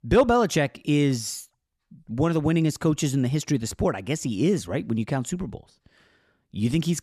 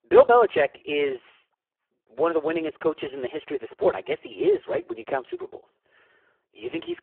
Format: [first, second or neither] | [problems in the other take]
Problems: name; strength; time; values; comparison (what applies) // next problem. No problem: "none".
first | phone-call audio; poor line